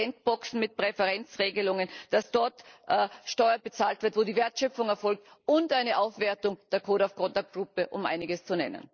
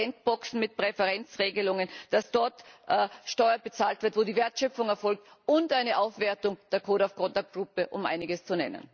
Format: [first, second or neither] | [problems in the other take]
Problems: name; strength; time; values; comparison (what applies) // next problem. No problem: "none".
second | noise reduction (neural mask model Resemble Enhance denoiser)